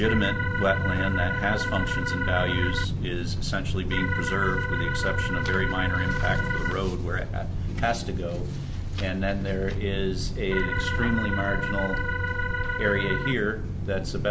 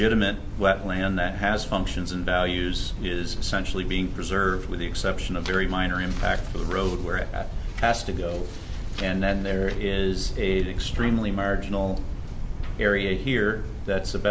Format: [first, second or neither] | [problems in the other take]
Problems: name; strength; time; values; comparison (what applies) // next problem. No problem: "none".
second | background sound (Drum + Organ); 1 dB below the speech